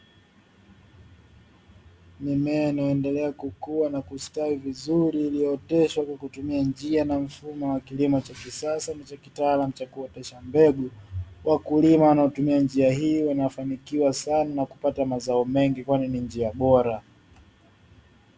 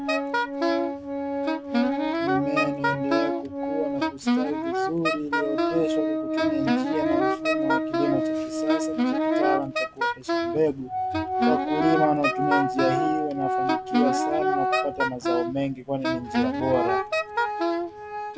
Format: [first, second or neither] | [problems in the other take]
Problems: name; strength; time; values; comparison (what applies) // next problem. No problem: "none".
first | background sound (Organ + Wind instrument, woodwind instrument); 5 dB above the speech